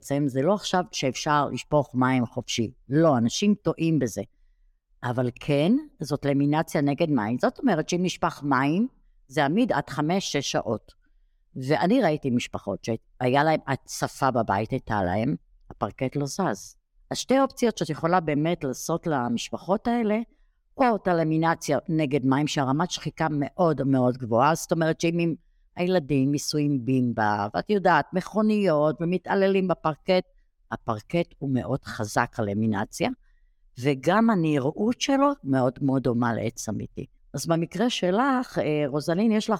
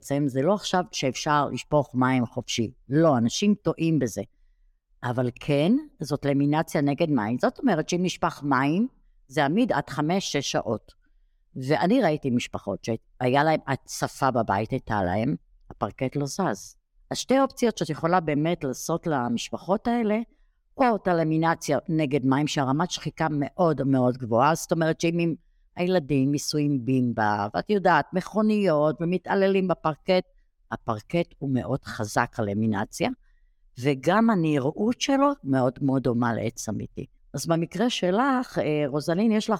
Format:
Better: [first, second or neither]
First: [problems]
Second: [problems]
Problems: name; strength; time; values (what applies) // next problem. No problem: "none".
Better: neither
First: none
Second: none